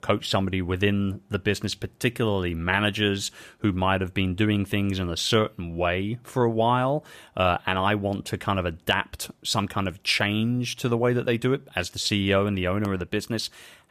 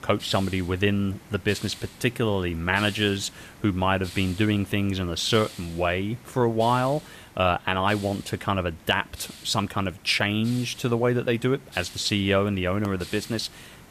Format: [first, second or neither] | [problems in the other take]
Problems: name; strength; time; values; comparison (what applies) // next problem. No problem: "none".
first | hiss; noticeable; throughout; 20 dB below the speech